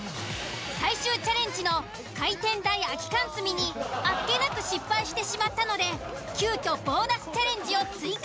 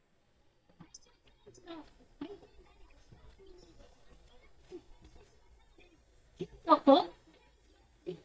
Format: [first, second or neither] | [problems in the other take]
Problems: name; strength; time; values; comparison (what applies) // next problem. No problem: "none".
first | noise reduction (neural mask model DeepFilterNet 3)